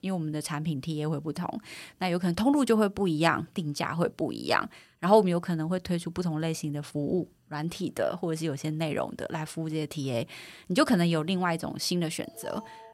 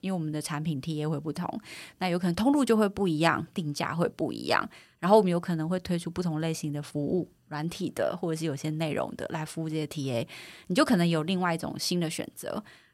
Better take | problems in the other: second | alarm; faint; at 12 s; peak 20 dB below the speech

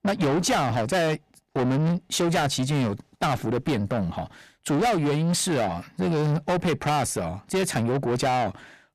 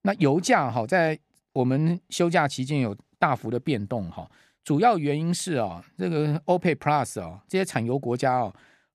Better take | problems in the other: second | distortion; heavy; 6 dB below the speech

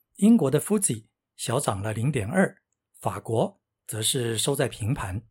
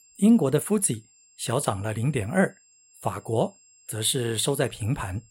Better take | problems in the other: first | high-pitched whine; faint; throughout; 7.5 kHz, 30 dB below the speech

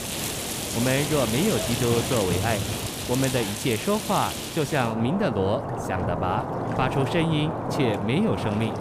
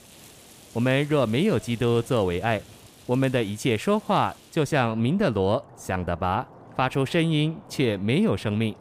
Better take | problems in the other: second | rain or running water; loud; throughout; 3 dB below the speech; faint in the second

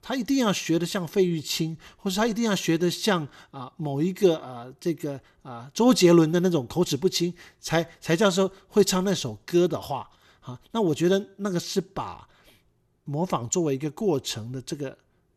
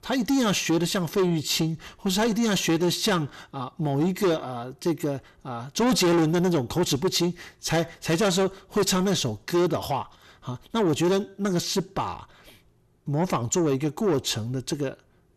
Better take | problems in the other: first | distortion; heavy; 7 dB below the speech

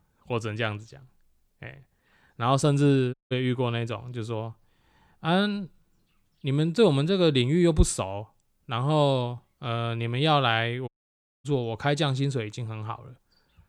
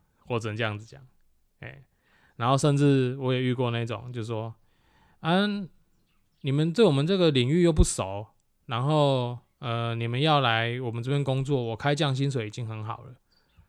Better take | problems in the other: second | audio cutting out; at 3 s and at 11 s for 0.5 s

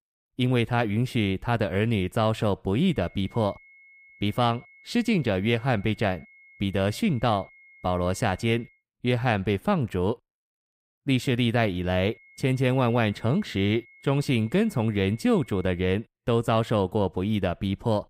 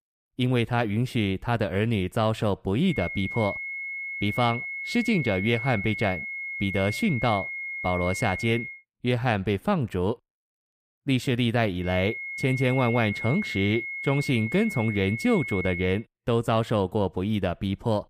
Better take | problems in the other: first | high-pitched whine; loud; from 3 to 8.5 s and from 12 to 16 s; 2 kHz, 6 dB below the speech; faint in the first

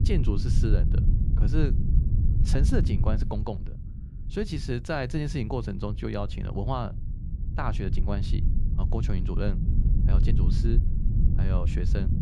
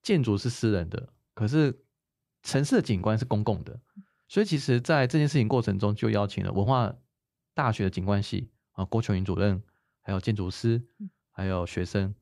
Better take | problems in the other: second | low rumble; loud; throughout; 7 dB below the speech

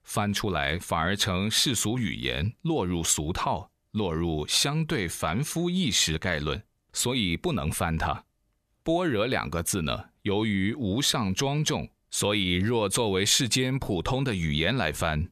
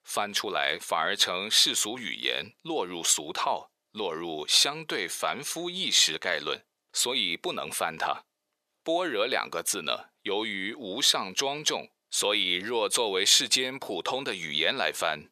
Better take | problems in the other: first | thin; very; fading below 500 Hz

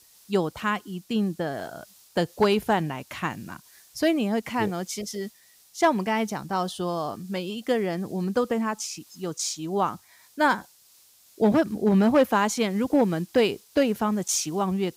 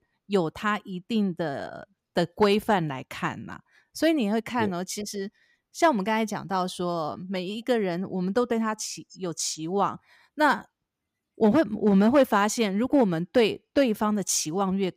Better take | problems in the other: second | hiss; faint; throughout; 25 dB below the speech

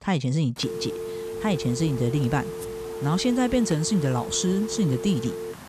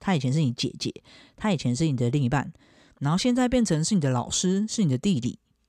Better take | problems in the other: second | phone ringing; noticeable; from 0.5 s on; peak 7 dB below the speech

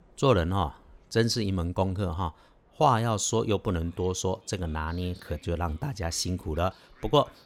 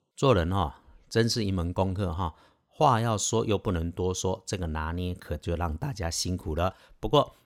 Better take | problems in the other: second | train or aircraft noise; faint; throughout; 30 dB below the speech

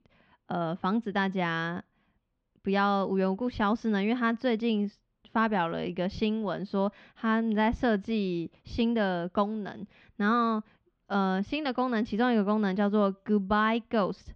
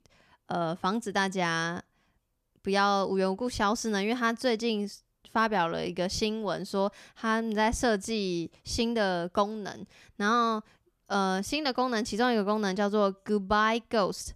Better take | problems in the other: second | muffled; slightly; fading above 3.5 kHz

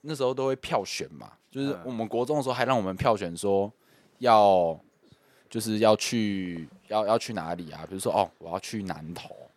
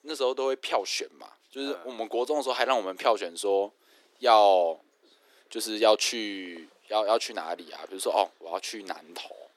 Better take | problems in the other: first | thin; somewhat; fading below 300 Hz

